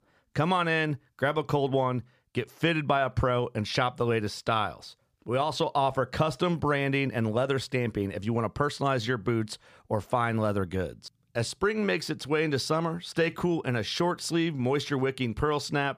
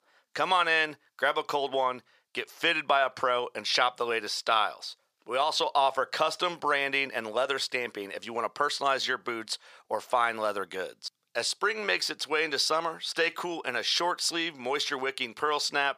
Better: first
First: none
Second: thin; very; fading below 600 Hz

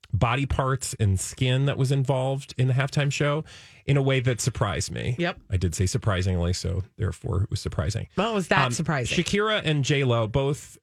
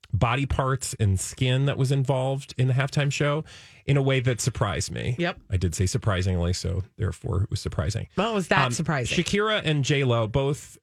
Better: neither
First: none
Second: none

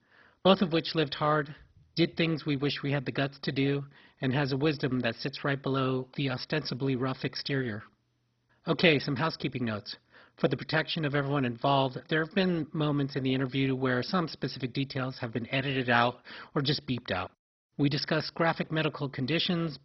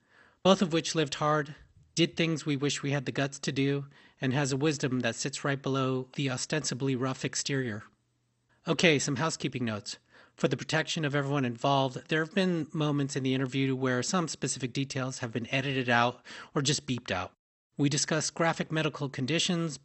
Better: second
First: garbled, watery; badly; nothing above 5.5 kHz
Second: garbled, watery; slightly; nothing above 8 kHz

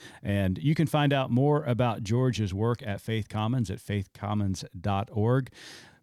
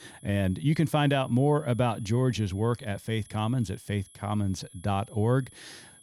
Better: first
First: none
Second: high-pitched whine; faint; throughout; 11 kHz, 25 dB below the speech

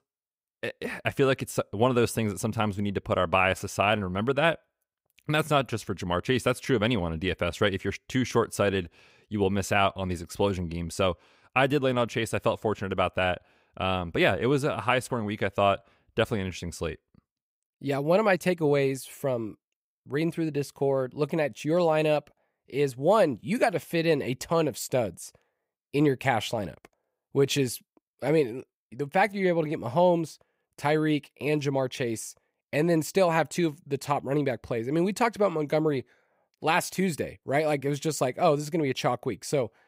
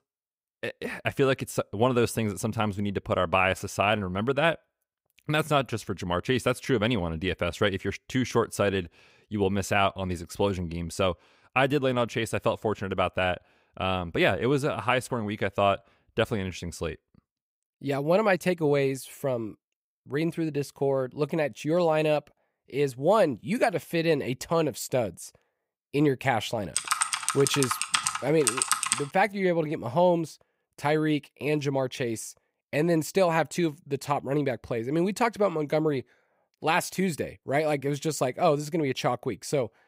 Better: first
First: none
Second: keyboard typing; loud; from 27 to 29 s; peak 3 dB above the speech

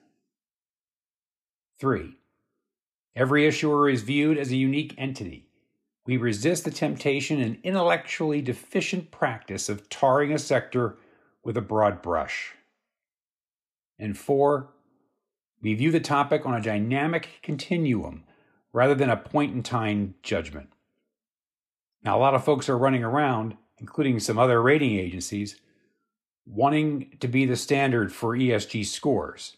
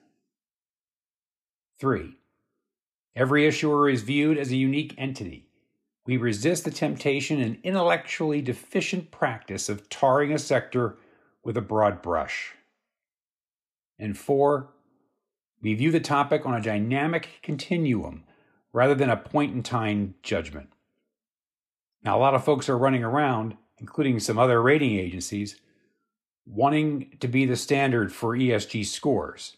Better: neither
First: none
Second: none

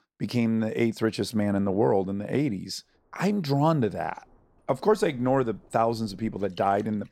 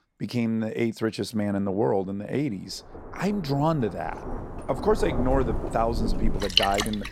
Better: first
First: rain or running water; faint; throughout; 30 dB below the speech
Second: rain or running water; loud; throughout; 3 dB below the speech

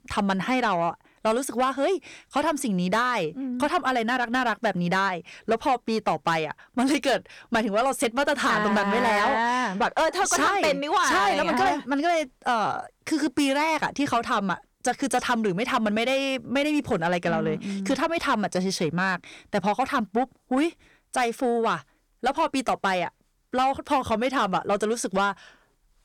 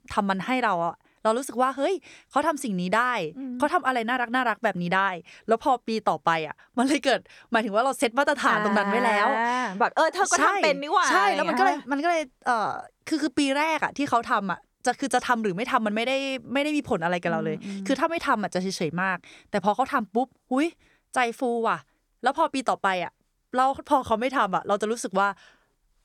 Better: second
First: distortion; slight; 10 dB below the speech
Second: none

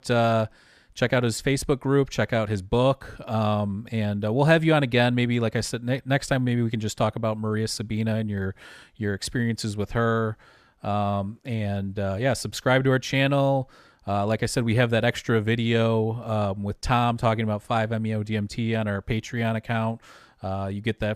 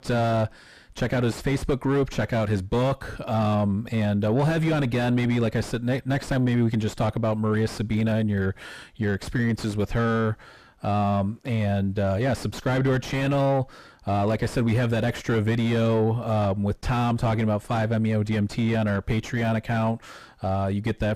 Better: first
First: none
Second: distortion; heavy; 5 dB below the speech

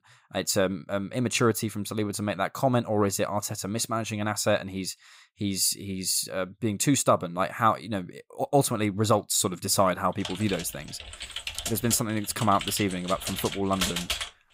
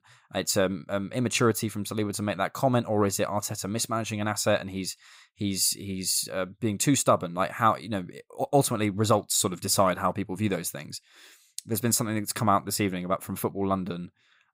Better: second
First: keyboard typing; noticeable; from 10 s on; peak 1 dB below the speech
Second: none

